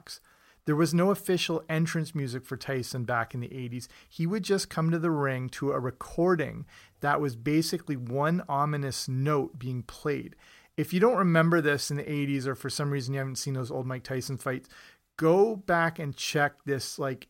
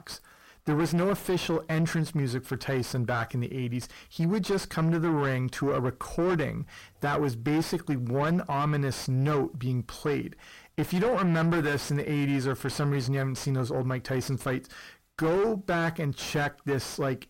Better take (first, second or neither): first